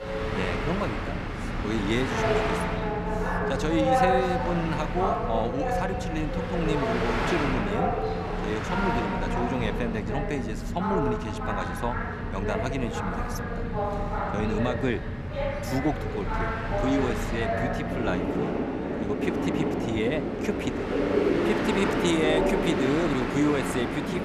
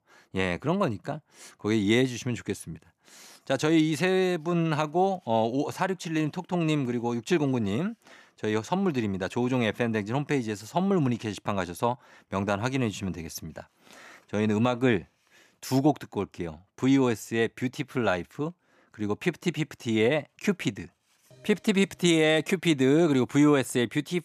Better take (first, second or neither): second